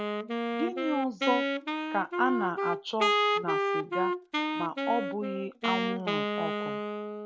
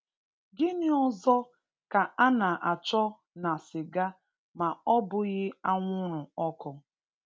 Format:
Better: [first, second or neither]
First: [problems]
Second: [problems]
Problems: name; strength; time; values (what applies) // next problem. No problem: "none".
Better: second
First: background sound (Wind instrument, woodwind instrument); 3 dB above the speech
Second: none